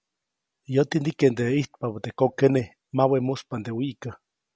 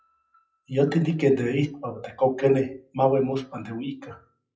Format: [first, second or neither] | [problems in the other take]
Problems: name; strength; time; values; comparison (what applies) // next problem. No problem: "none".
first | noise reduction (classical method WPE with log-MMSE)